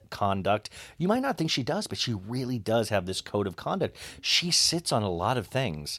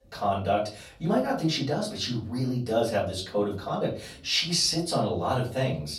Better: first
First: none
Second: room echo; slight; dies away in 0.3 s // off-mic speech; far

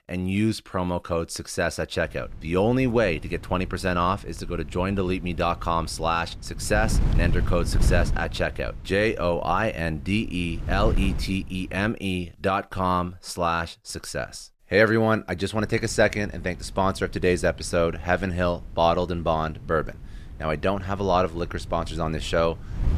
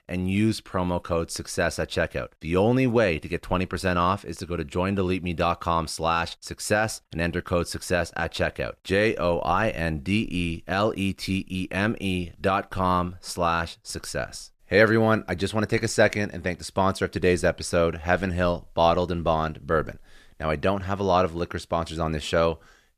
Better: second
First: wind noise on the microphone; occasional gusts; from 2 to 12 s and from 16 s on; 20 dB below the speech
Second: none

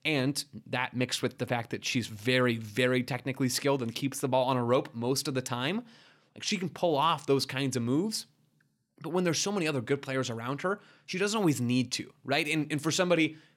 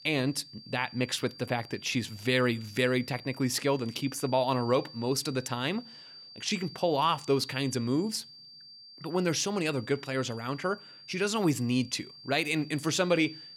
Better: first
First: none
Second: high-pitched whine; noticeable; throughout; 4.5 kHz, 15 dB below the speech

